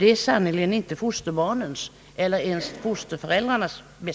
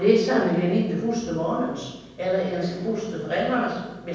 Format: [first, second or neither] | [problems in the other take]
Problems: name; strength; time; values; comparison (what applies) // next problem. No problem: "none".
first | room echo; dies away in 1.1 s